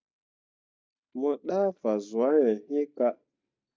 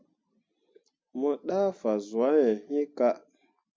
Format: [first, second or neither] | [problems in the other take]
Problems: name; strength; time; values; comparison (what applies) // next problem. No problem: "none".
second | noise reduction (neural mask model DeepFilterNet 3)